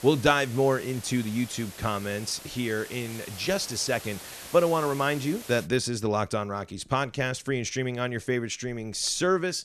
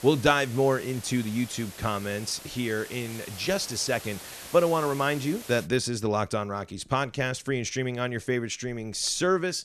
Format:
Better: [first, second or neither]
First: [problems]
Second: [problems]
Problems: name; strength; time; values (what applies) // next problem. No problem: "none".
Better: neither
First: hiss; noticeable; until 5.5 s; 15 dB below the speech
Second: hiss; noticeable; until 5.5 s; 15 dB below the speech